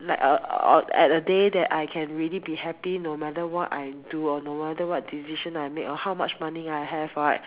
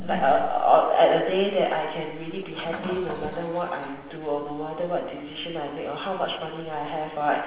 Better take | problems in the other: first | background sound (Toilet flush); 17 dB below the speech // room echo; dies away in 1 s

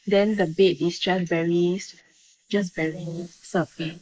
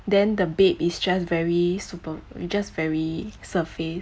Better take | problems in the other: second | noise reduction (neural mask model Resemble Enhance denoiser)

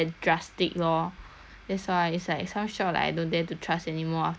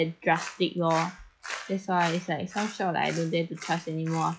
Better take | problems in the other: first | noise reduction (classical method log-MMSE)

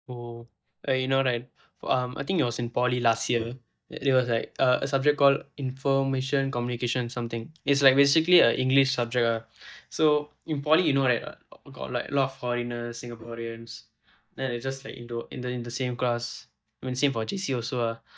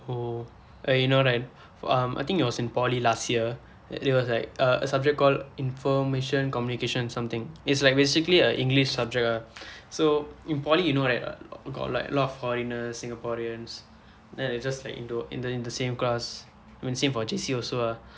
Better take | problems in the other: second | noise reduction (neural mask model DeepFilterNet 3)

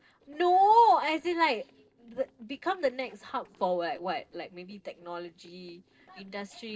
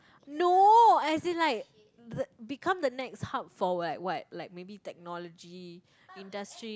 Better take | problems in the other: second | noise reduction (neural separator model SepFormer DNS4)

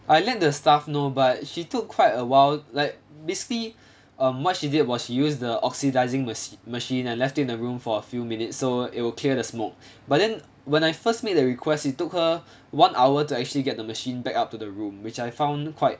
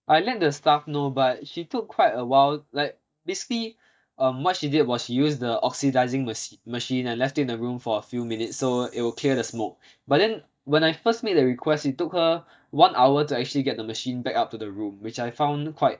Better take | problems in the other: first | noise reduction (neural mask model DeepFilterNet 3)

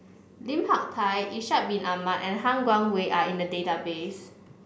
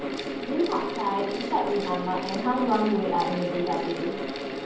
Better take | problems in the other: first | background sound (Mechanical fan); 4 dB below the speech // room echo; dies away in 0.6 s

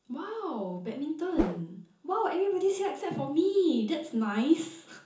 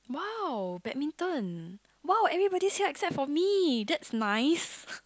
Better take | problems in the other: second | background sound (Whoosh, swoosh, swish); 1 dB below the speech // room echo; dies away in 0.7 s

